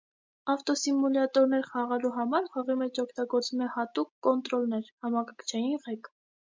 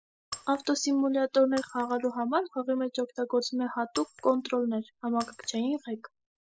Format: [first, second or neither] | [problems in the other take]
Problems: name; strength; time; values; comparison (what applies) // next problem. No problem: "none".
first | noise reduction (classical method spectral subtraction)